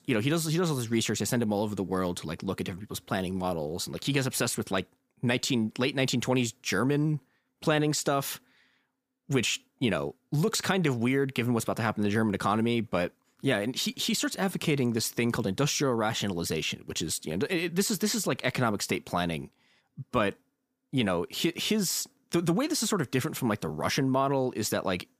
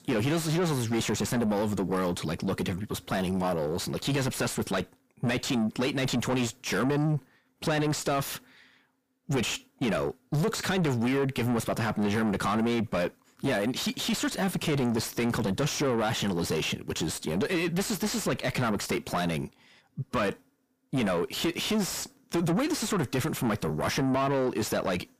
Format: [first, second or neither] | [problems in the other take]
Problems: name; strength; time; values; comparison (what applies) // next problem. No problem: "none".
first | distortion; heavy; 7 dB below the speech